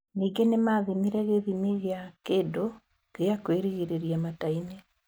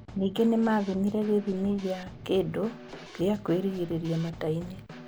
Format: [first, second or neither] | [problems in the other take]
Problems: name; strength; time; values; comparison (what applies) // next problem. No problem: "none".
first | background sound (Snare drum / Drum kit); 16 dB below the speech